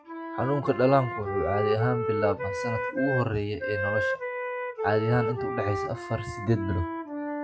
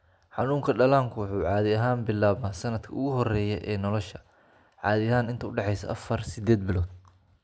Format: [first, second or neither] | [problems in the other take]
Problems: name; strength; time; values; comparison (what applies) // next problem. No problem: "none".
second | noise reduction (classical method WPE with log-MMSE)